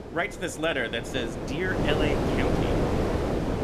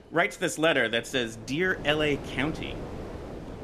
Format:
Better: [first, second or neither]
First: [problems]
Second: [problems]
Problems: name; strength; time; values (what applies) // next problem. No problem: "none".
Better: second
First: wind noise on the microphone; heavy; as loud as the speech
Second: wind noise on the microphone; occasional gusts; 15 dB below the speech